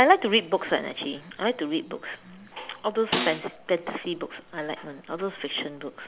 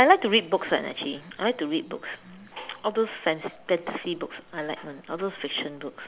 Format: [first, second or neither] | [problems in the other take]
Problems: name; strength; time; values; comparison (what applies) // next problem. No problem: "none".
second | background sound (Snare drum); 5 dB below the speech